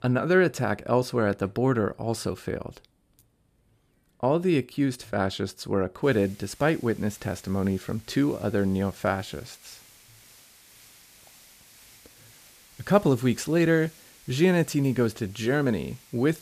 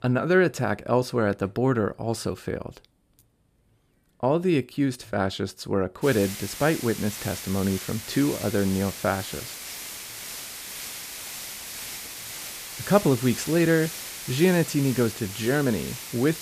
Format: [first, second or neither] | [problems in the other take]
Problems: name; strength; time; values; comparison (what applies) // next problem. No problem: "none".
first | hiss; loud; from 6 s on; 9 dB below the speech; faint in the first